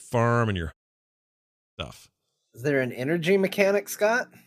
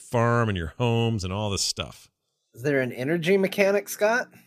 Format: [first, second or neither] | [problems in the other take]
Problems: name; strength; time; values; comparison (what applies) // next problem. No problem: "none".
second | audio cutting out; at 0.5 s for 1 s